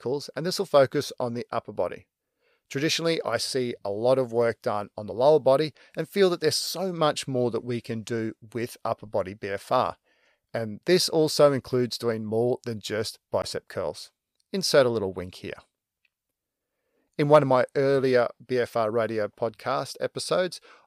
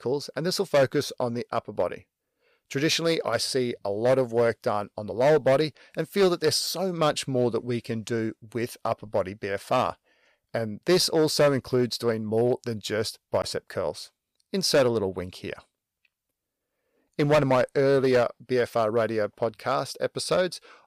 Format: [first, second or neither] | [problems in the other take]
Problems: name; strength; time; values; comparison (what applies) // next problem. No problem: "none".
first | distortion; slight; 3% of the sound clipped